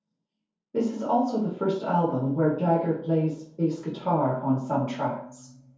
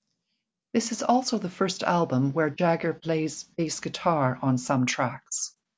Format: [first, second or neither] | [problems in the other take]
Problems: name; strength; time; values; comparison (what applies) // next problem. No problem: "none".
second | room echo; dies away in 0.6 s